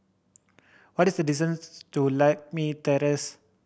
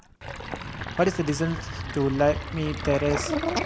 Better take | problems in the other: first | background sound (Sink (filling or washing)); 5 dB below the speech

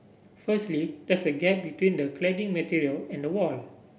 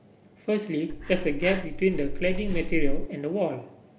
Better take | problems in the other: first | background sound (Breathing); 1 dB above the speech

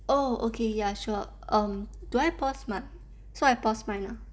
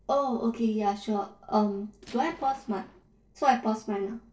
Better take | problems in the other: first | noise reduction (neural separator model SepFormer DNS4)

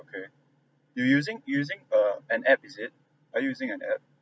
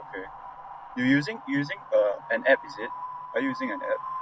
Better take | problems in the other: first | background sound (Wind); 11 dB below the speech

